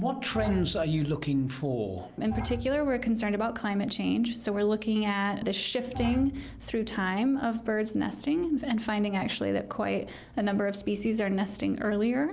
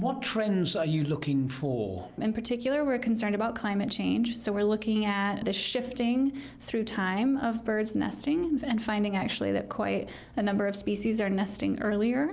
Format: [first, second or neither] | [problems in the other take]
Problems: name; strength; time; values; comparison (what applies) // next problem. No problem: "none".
second | background sound (Bowed string instrument); 10 dB below the speech